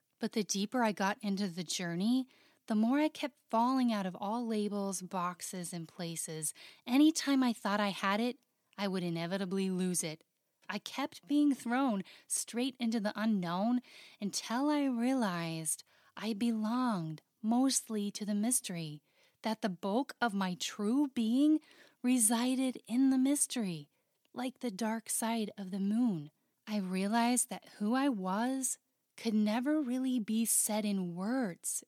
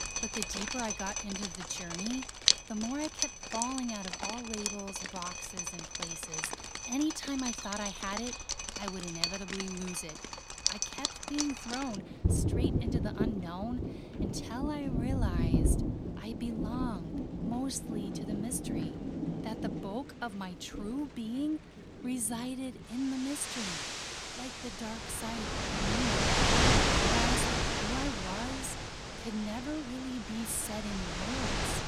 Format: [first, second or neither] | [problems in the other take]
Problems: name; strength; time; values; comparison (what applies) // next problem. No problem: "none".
first | rain or running water; very loud; throughout; 5 dB above the speech